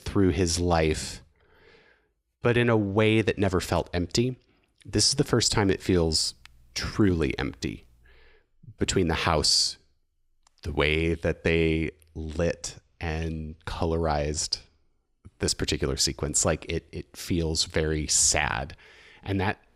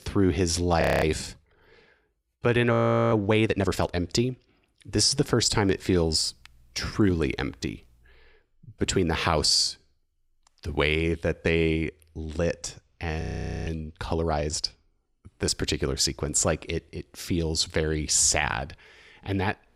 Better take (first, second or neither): first